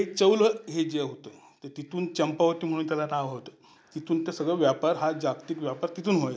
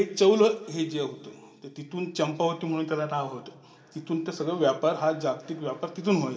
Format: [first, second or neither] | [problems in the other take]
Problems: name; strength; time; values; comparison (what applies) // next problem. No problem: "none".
first | room echo; dies away in 2.3 s